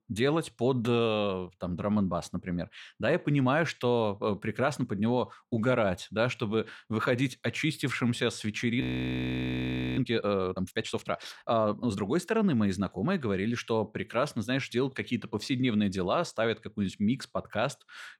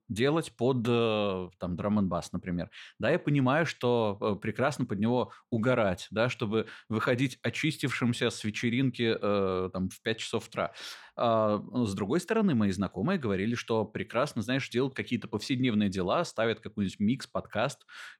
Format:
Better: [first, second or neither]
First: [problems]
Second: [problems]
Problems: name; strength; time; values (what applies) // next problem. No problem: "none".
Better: second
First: audio freezing; at 9 s for 1 s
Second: none